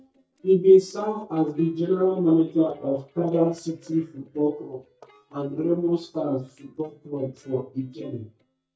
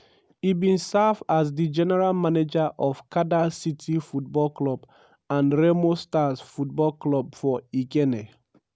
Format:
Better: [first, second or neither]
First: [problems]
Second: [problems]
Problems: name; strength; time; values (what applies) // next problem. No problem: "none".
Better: second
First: noise reduction (neural mask model DeepFilterNet 3)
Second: none